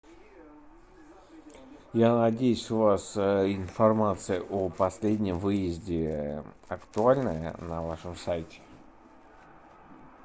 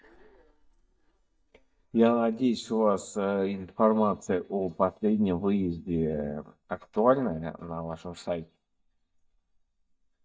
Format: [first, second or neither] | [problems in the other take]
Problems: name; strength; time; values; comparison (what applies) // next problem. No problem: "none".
first | noise reduction (neural mask model DeepFilterNet 3)